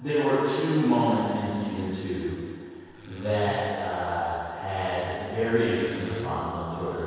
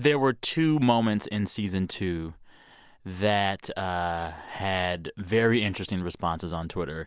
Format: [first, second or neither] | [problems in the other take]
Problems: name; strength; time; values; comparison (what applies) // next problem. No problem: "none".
second | background sound (Wood); 14 dB below the speech // room echo; dies away in 2.2 s